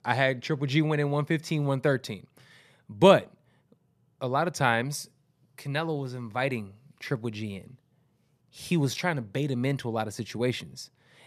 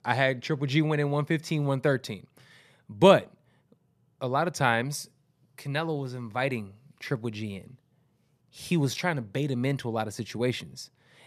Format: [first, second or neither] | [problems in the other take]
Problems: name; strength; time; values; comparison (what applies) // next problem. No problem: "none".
neither | none